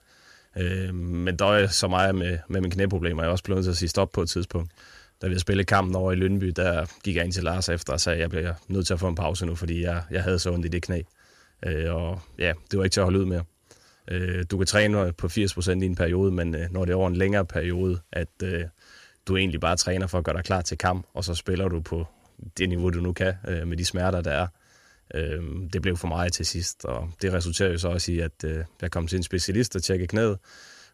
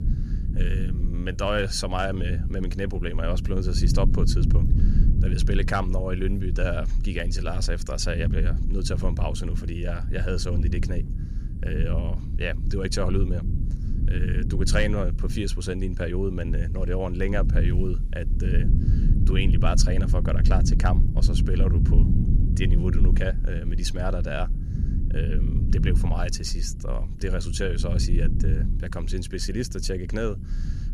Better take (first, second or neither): first